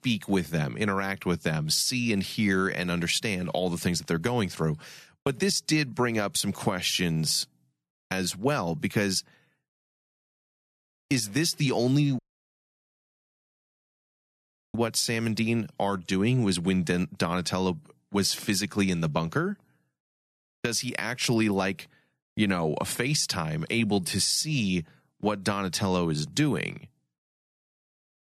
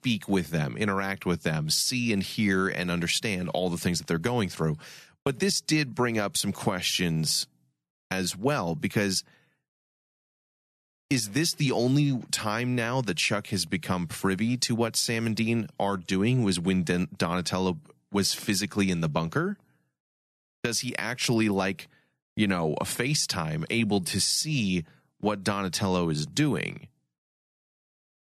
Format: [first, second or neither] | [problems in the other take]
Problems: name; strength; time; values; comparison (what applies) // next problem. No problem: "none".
second | audio cutting out; at 12 s for 2.5 s